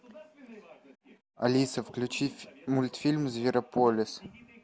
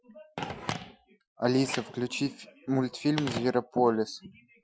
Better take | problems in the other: first | noise reduction (classical method Wiener filter)

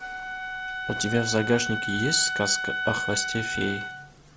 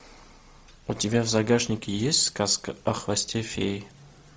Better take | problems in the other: second | background sound (Wind instrument, woodwind instrument); 3 dB below the speech

